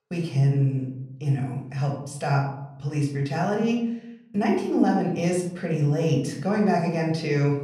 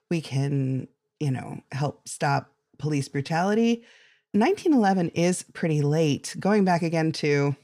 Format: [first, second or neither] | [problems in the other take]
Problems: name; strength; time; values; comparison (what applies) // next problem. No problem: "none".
second | off-mic speech; somewhat distant // room echo; noticeable; dies away in 0.7 s